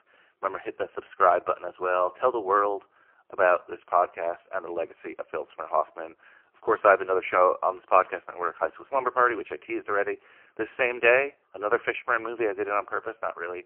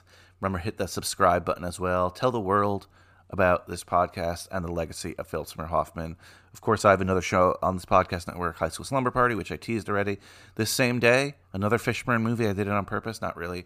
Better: second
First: phone-call audio; poor line; nothing above 2.5 kHz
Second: none

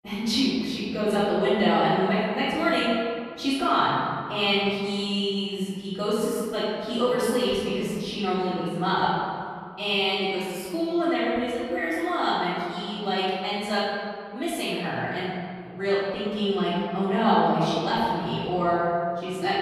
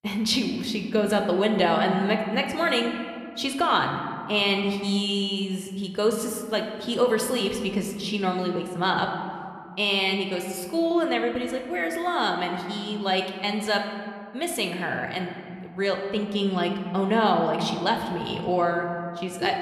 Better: second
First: room echo; strong; dies away in 2.3 s // off-mic speech; far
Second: room echo; slight; dies away in 1.8 s

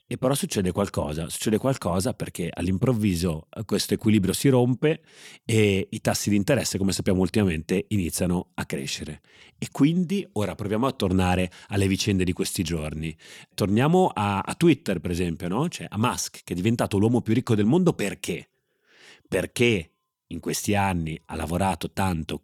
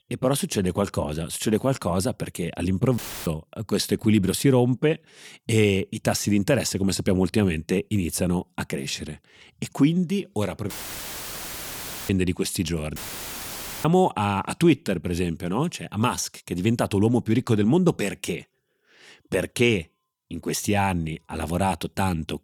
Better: first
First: none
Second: audio cutting out; filled with static; at 3 s, at 11 s for 1.5 s and at 13 s for 1 s

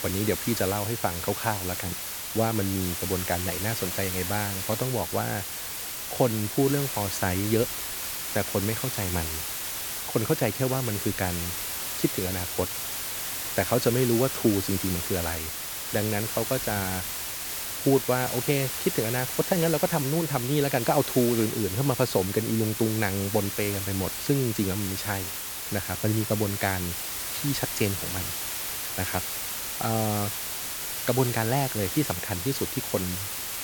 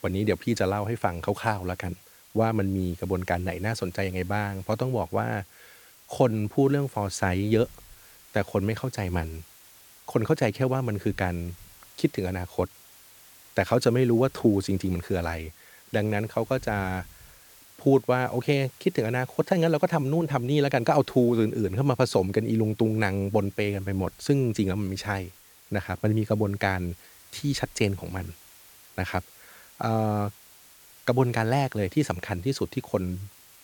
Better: second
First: hiss; loud; throughout; 2 dB below the speech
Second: hiss; faint; throughout; 25 dB below the speech

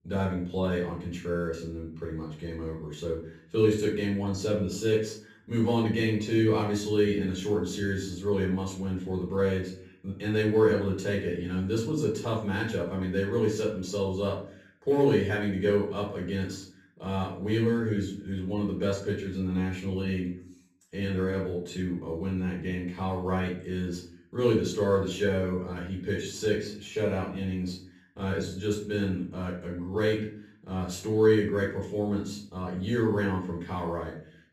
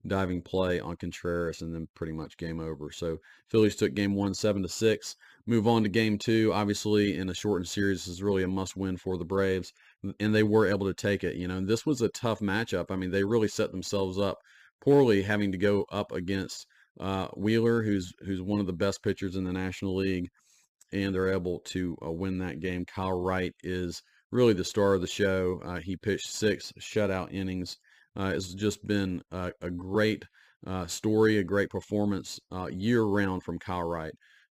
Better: second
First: off-mic speech; far // room echo; slight; dies away in 0.4 s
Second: none

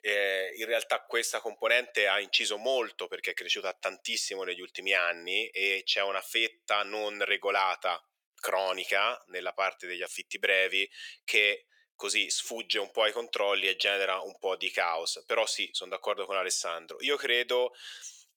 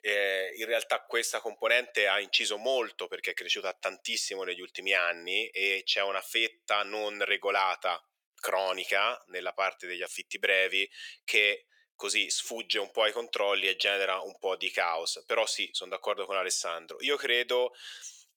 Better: neither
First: thin; very; fading below 500 Hz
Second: thin; very; fading below 500 Hz

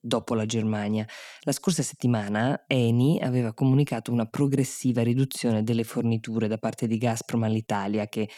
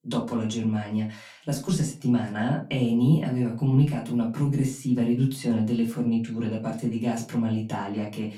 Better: first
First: none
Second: off-mic speech; far // room echo; very slight; dies away in 0.3 s

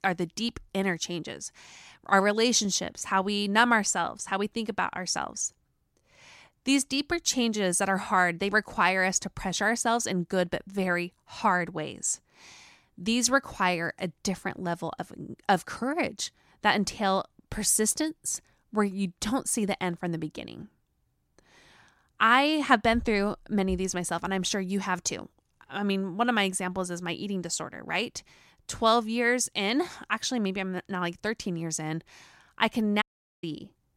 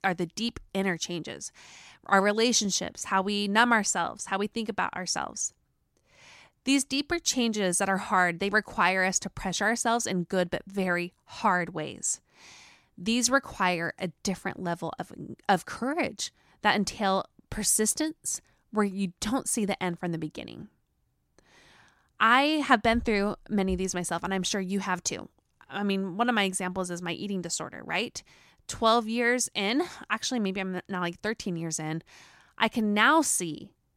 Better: second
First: audio cutting out; at 33 s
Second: none

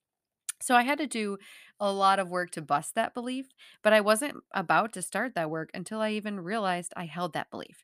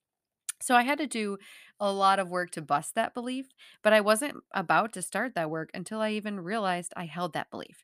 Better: neither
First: none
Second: none

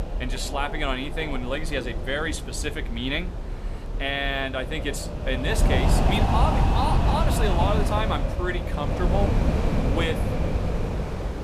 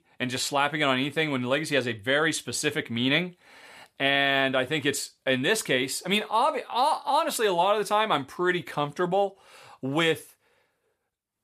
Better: second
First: wind noise on the microphone; heavy; 3 dB below the speech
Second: none

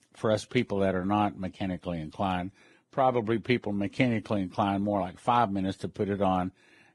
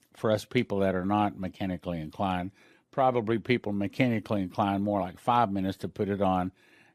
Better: second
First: garbled, watery; badly; nothing above 10.5 kHz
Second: none

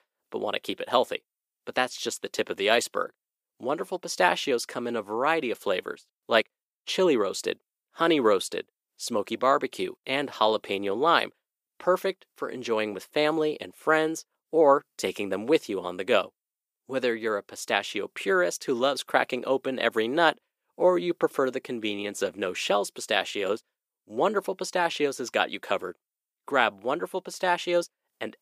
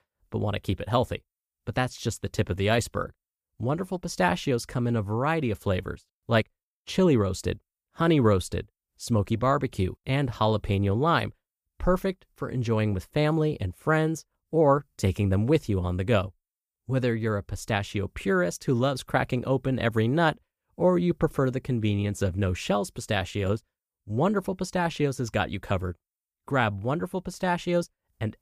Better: second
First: thin; somewhat; fading below 350 Hz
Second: none

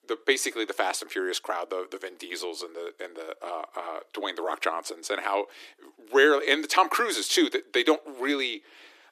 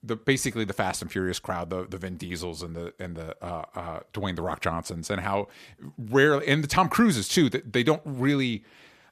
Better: second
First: thin; somewhat; fading below 300 Hz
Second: none

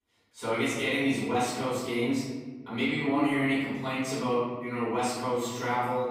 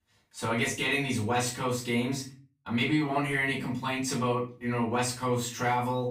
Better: second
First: room echo; strong; dies away in 1.3 s // off-mic speech; far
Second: room echo; slight; dies away in 0.3 s // off-mic speech; far

